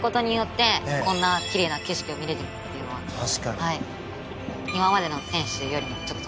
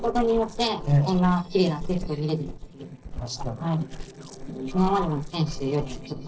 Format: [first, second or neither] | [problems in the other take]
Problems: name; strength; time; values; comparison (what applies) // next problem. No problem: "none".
first | noise reduction (neural separator model SepFormer DNS4)